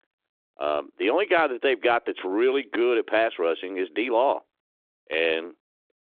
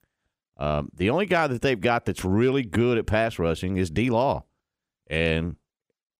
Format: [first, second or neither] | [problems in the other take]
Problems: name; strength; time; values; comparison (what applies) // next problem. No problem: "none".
second | phone-call audio; nothing above 3.5 kHz